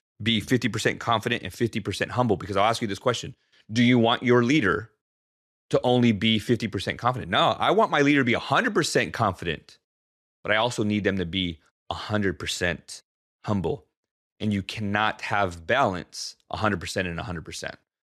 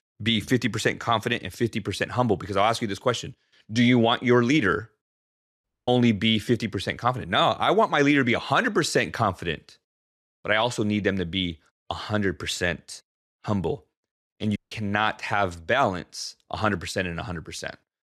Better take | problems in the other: first | audio cutting out; at 5.5 s and at 15 s

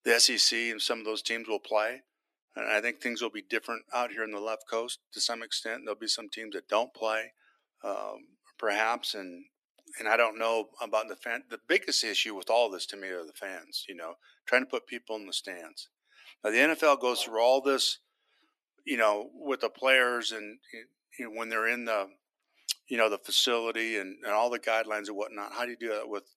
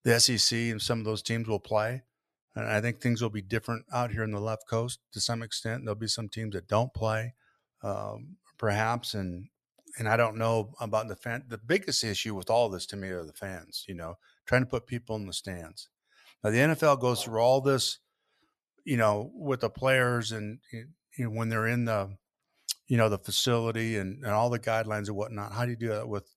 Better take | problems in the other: second | thin; somewhat; fading below 300 Hz

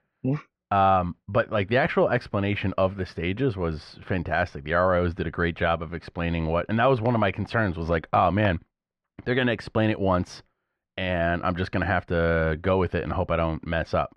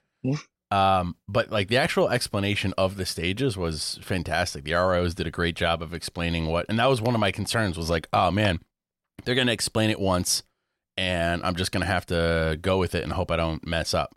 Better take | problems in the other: second | muffled; very; fading above 2 kHz

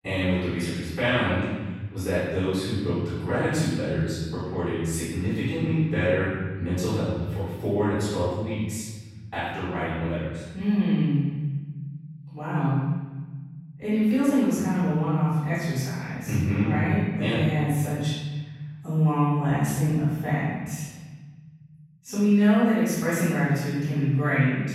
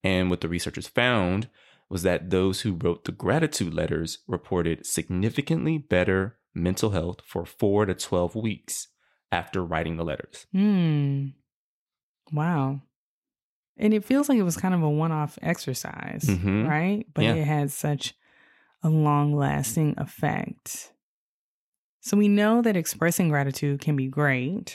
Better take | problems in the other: second | off-mic speech; far // room echo; strong; dies away in 1.5 s

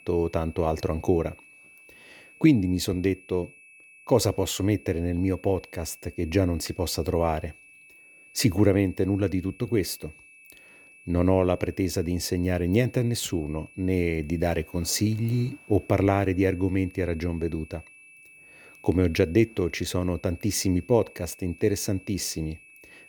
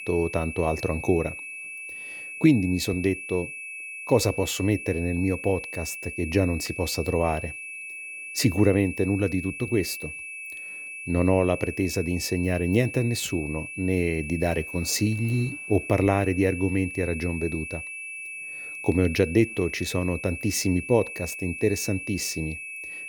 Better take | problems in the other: first | high-pitched whine; loud; throughout; 2.5 kHz, 9 dB below the speech; faint in the first

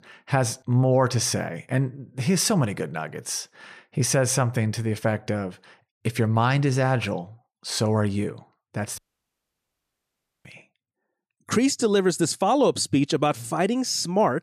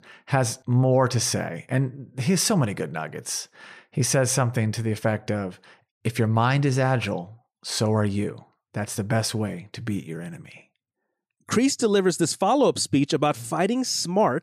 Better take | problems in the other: second | audio cutting out; at 9 s for 1.5 s

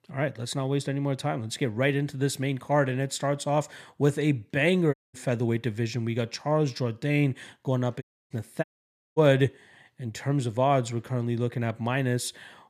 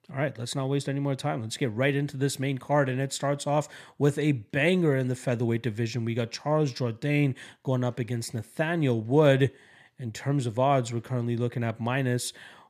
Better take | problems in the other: second | audio cutting out; at 5 s, at 8 s and at 8.5 s for 0.5 s

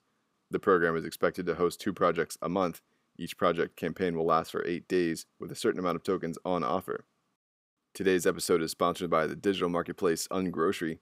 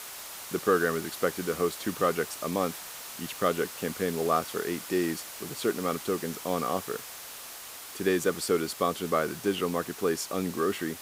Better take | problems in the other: first | hiss; loud; throughout; 10 dB below the speech

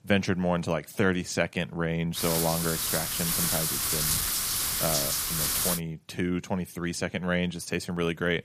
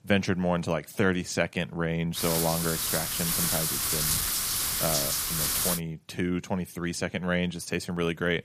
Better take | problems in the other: neither | wind noise on the microphone; heavy; from 2 to 6 s; 2 dB above the speech; the same in both

